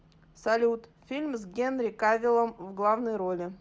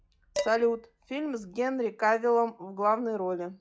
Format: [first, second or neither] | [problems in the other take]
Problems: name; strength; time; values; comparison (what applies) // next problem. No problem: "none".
first | noise reduction (classical method log-MMSE)